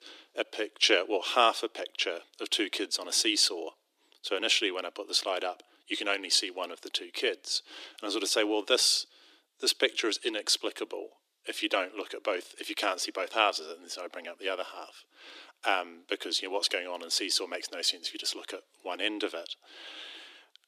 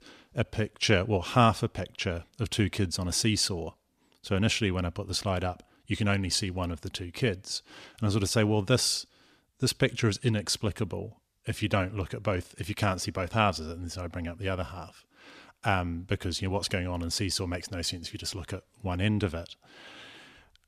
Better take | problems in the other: second | thin; very; fading below 300 Hz

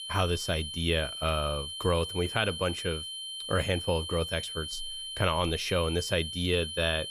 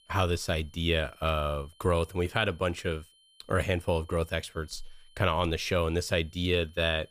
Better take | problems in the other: second | high-pitched whine; loud; throughout; 3 kHz, 6 dB below the speech; faint in the second

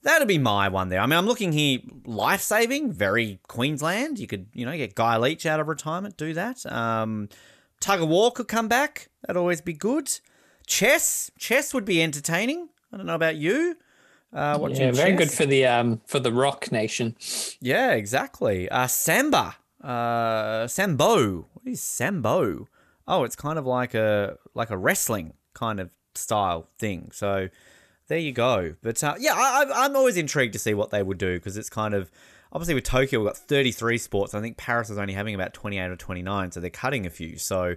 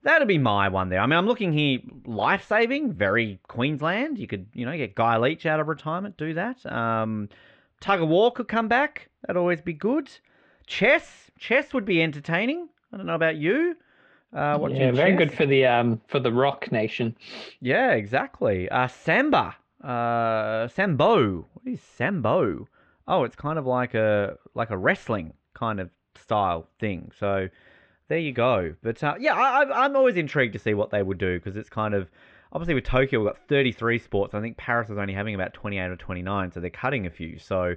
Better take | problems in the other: first | muffled; very; fading above 3 kHz

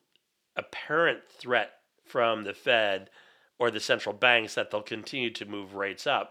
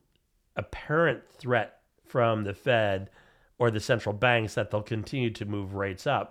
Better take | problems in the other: second | thin; somewhat; fading below 300 Hz

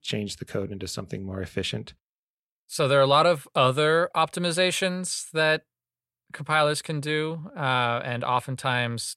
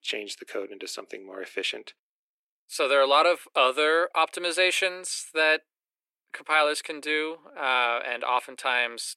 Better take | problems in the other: first | thin; very; fading below 300 Hz

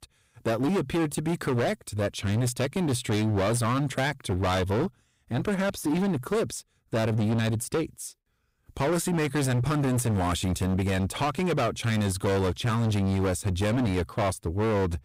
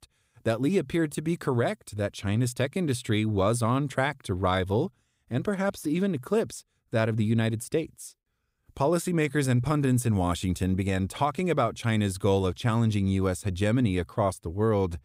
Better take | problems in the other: second | distortion; heavy; 25% of the sound clipped

